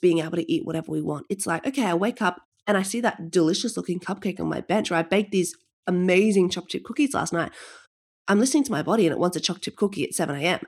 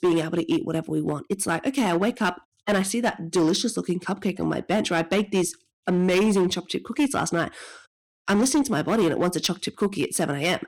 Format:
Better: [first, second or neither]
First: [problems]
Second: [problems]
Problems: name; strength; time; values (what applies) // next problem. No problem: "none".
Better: first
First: none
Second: distortion; slight; 8% of the sound clipped